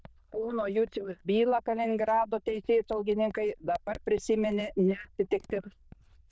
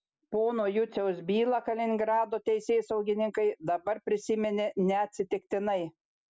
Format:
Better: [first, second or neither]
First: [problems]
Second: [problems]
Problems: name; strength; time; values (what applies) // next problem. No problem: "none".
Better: second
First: noise reduction (neural diffusion model UNIVERSE++)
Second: none